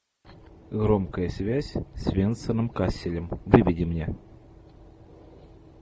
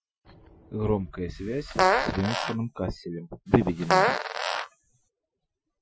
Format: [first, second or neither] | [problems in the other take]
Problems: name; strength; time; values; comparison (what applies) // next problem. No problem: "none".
first | noise reduction (classical method Wiener filter)